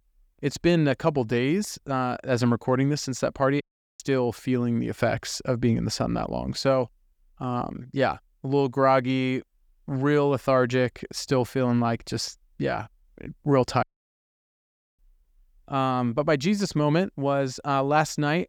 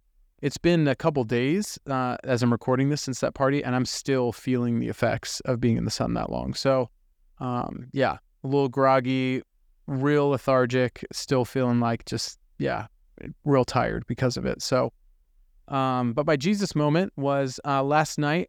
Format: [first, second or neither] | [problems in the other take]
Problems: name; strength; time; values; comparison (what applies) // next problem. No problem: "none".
second | audio cutting out; at 3.5 s and at 14 s for 1 s